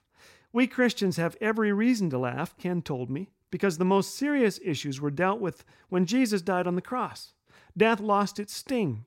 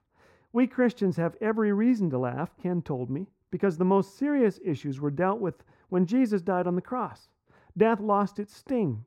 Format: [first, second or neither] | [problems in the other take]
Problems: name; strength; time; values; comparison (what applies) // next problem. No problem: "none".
first | muffled; slightly; fading above 2 kHz